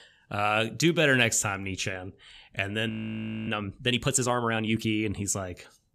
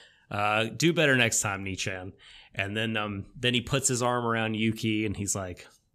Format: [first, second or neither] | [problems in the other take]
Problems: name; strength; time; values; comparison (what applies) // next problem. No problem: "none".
second | audio freezing; at 3 s for 0.5 s